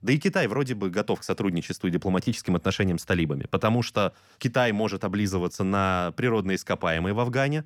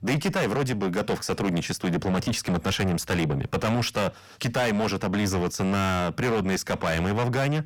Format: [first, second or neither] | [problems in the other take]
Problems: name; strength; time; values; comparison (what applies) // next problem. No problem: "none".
first | distortion; heavy; 7 dB below the speech